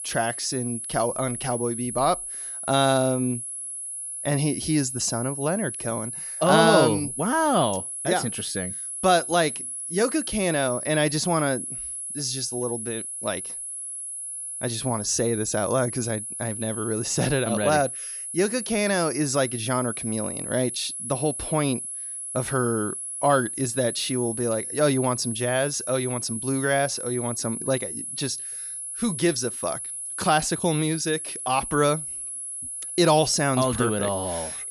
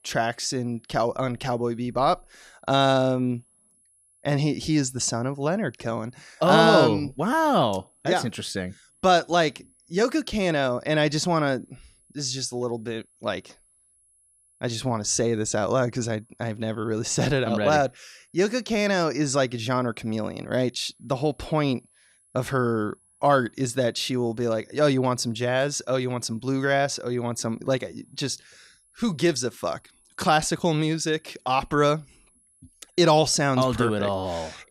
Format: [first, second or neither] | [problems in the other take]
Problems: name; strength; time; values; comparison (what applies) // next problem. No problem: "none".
second | high-pitched whine; loud; throughout; 10.5 kHz, 6 dB below the speech; faint in the second